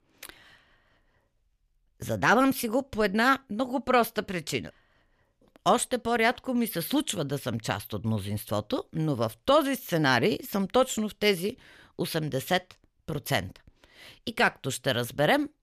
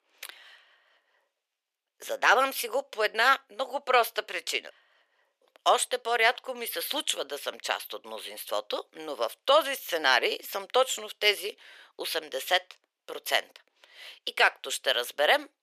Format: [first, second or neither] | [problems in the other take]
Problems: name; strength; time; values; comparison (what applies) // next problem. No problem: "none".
first | thin; very; fading below 450 Hz